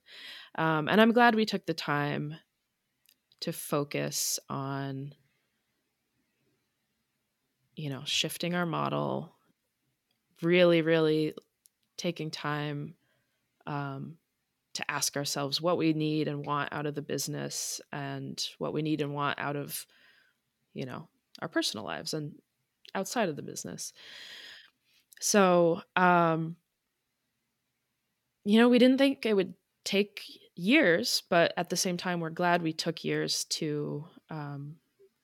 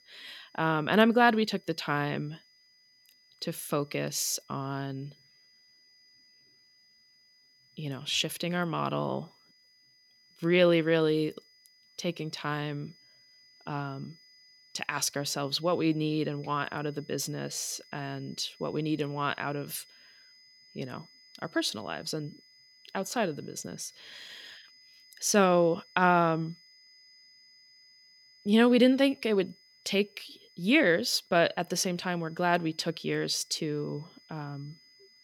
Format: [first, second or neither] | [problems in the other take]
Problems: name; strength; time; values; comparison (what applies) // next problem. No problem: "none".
first | high-pitched whine; faint; throughout; 5 kHz, 30 dB below the speech